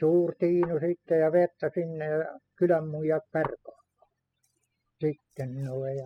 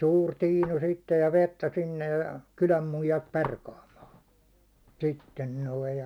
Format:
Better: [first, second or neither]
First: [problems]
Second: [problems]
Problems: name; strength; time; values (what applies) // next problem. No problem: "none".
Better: second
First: noise reduction (classical method spectral subtraction)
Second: none